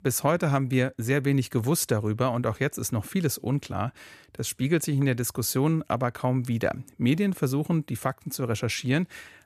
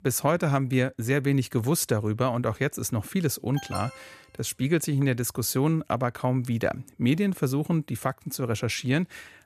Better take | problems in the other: first | alarm; faint; at 3.5 s; peak 10 dB below the speech

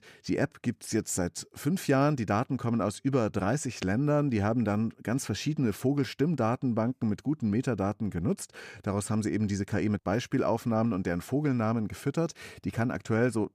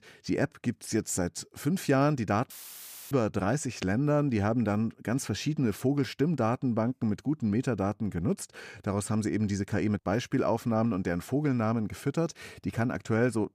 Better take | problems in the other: first | audio cutting out; filled with static; at 2.5 s for 0.5 s

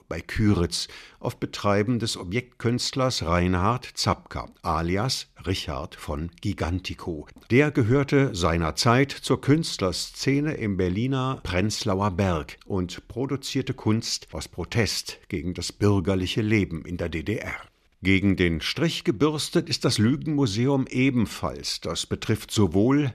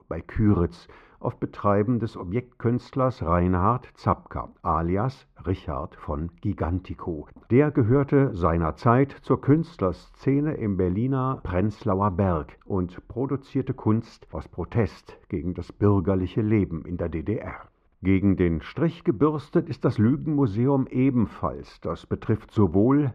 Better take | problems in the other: first | muffled; very; fading above 2.5 kHz

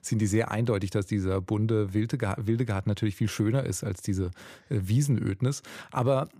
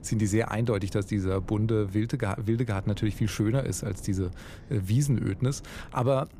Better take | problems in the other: first | wind noise on the microphone; occasional gusts; 20 dB below the speech

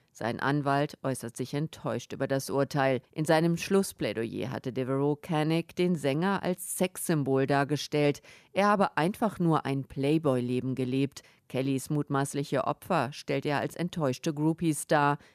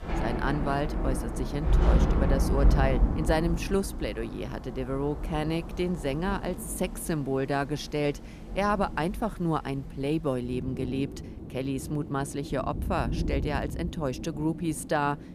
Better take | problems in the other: first | rain or running water; loud; throughout; 2 dB below the speech

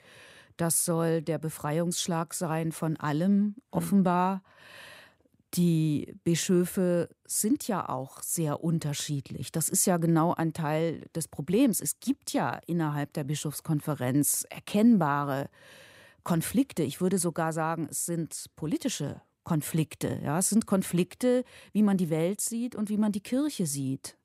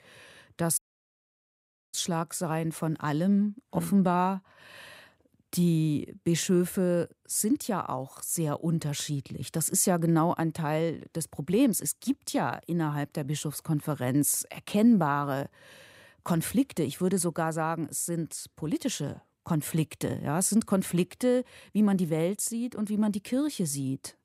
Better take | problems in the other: first | audio cutting out; at 1 s for 1 s

